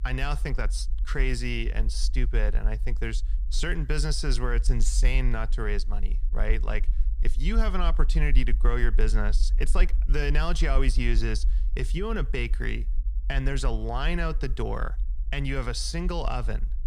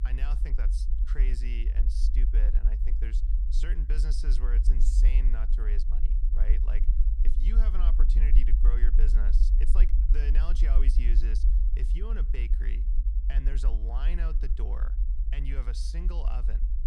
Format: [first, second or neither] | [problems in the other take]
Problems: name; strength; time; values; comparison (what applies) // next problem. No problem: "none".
first | low rumble; loud; throughout; 5 dB below the speech; faint in the first